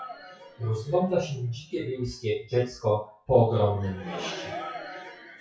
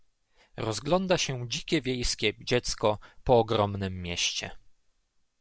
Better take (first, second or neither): second